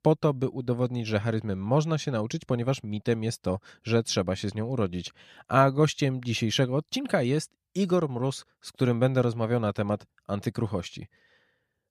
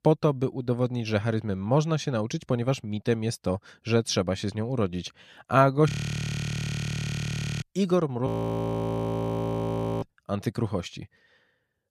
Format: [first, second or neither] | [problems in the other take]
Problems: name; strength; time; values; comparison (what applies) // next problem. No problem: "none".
first | audio freezing; at 6 s for 1.5 s and at 8.5 s for 2 s